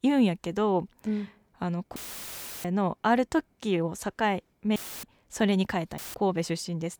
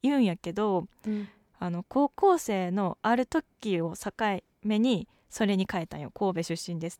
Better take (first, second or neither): second